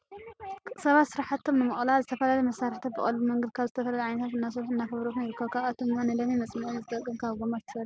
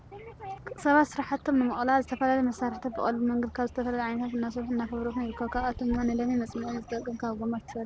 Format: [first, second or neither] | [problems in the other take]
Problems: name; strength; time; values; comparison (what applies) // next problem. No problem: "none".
first | background sound (Bird); 18 dB below the speech